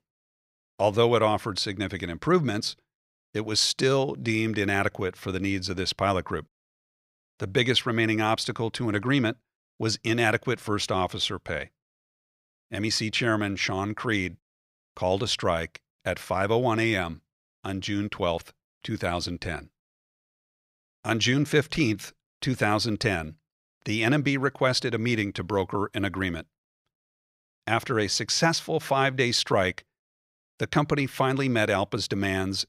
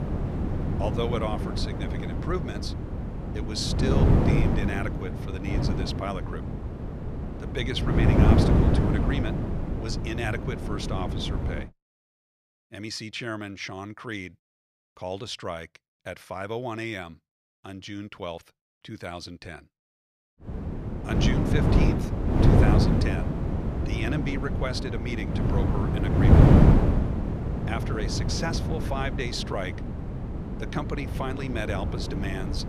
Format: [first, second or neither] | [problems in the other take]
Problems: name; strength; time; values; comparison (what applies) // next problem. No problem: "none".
first | wind noise on the microphone; heavy; until 12 s and from 20 s on; 1 dB above the speech